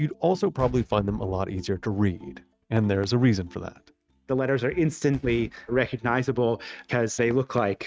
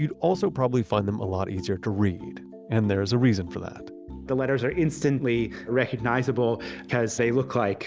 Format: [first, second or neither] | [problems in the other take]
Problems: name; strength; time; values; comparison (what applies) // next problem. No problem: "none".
second | noise reduction (neural mask model RNNoise)